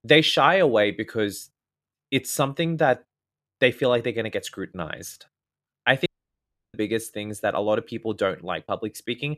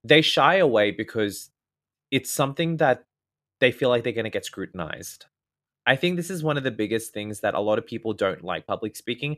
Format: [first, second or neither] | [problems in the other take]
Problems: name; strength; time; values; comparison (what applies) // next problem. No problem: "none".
second | audio cutting out; at 6 s for 0.5 s